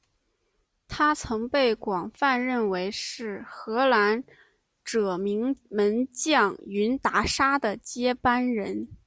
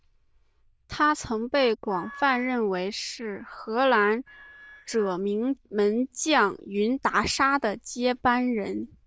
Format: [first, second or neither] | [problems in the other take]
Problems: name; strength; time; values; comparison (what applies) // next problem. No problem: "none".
first | noise reduction (neural diffusion model UNIVERSE++)